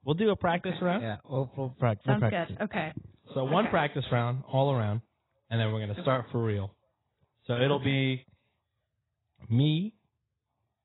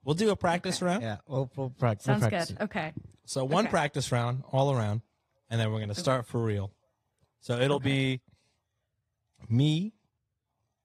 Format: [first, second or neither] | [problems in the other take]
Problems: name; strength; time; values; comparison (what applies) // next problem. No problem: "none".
second | garbled, watery; badly; nothing above 4 kHz; slightly in the second